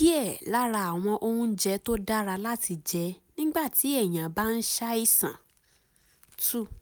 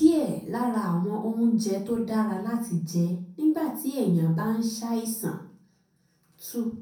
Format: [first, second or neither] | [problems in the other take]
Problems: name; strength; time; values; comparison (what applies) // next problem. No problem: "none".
first | room echo; dies away in 0.5 s